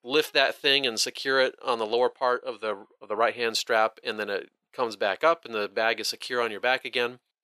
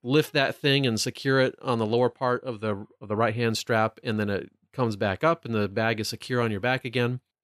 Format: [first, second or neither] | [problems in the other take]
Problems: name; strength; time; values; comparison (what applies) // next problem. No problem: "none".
second | thin; very; fading below 550 Hz